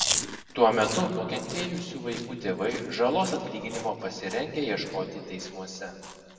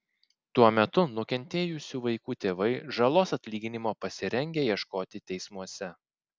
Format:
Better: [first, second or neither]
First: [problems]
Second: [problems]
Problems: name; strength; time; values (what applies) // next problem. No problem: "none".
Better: second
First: background sound (Chewing, mastication); 8 dB below the speech // room echo; dies away in 2 s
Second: none